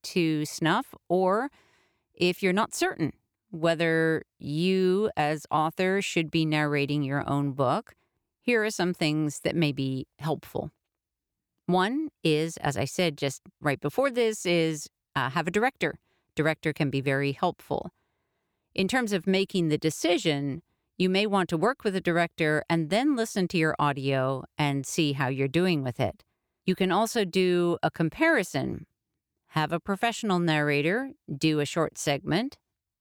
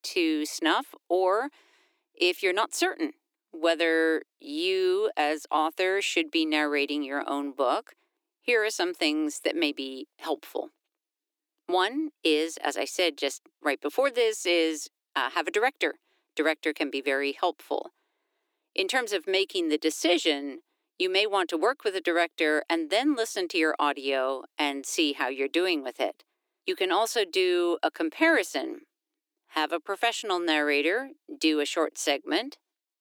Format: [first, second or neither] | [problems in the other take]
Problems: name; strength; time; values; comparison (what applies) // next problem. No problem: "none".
first | thin; somewhat; fading below 300 Hz